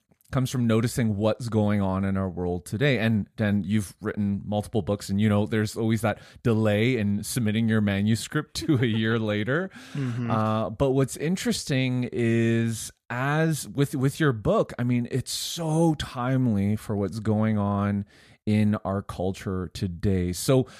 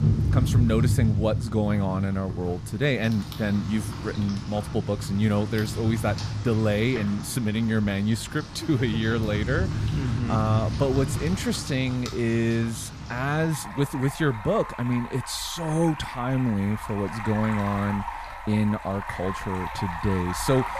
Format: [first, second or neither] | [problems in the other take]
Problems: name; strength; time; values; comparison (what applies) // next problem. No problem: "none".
first | rain or running water; loud; throughout; 5 dB below the speech